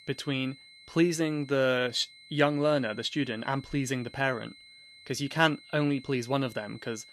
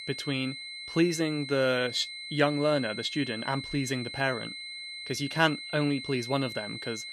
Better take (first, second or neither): first